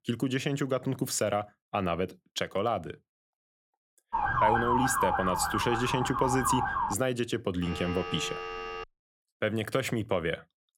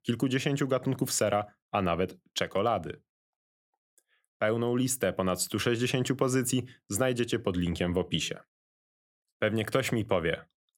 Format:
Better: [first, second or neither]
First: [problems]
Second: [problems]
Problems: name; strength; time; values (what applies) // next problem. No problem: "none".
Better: second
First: siren; loud; from 4 to 7 s; peak 5 dB above the speech // phone ringing; noticeable; from 7.5 to 9 s; peak 6 dB below the speech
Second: none